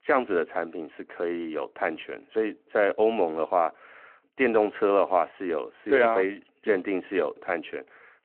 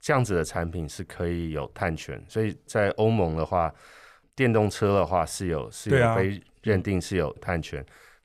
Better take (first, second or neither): second